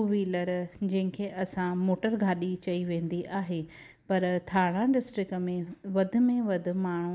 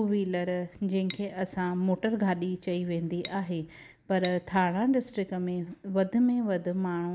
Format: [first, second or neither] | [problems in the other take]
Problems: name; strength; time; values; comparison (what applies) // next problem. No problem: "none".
first | background sound (Cutlery, silverware / Dishes, pots, and pans); 18 dB below the speech